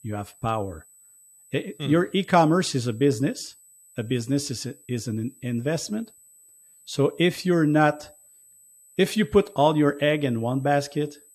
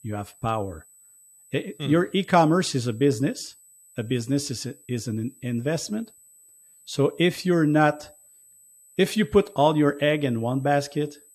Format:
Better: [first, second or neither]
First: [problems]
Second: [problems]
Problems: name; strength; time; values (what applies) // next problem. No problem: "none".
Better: neither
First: high-pitched whine; faint; throughout; 8 kHz, 25 dB below the speech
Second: high-pitched whine; faint; throughout; 8 kHz, 25 dB below the speech